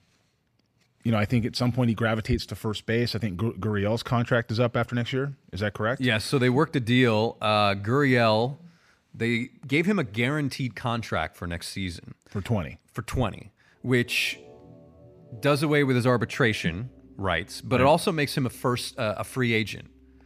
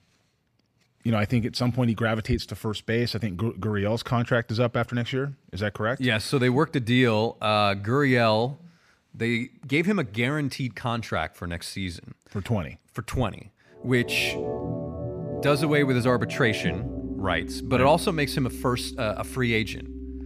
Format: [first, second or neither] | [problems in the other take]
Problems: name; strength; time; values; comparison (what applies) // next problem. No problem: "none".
first | background music; loud; from 14 s on; 9 dB below the speech; faint in the first